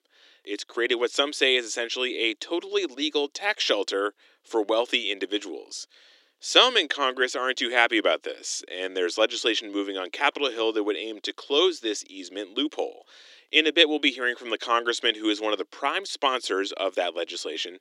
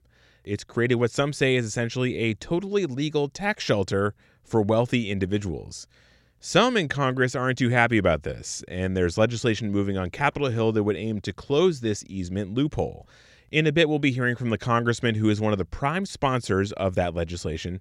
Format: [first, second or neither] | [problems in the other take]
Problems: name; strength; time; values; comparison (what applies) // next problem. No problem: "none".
second | thin; somewhat; fading below 300 Hz